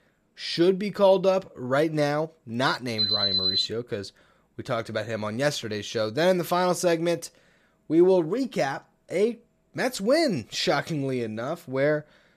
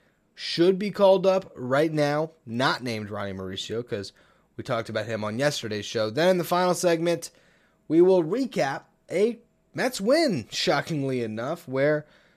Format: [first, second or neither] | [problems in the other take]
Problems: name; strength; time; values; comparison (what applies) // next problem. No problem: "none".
second | alarm; loud; at 3 s; peak 4 dB above the speech